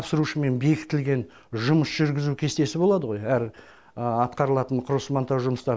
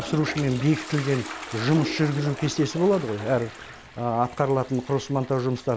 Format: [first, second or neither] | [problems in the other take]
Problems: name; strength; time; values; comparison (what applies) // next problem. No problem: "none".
first | background sound (Toilet flush); 13 dB below the speech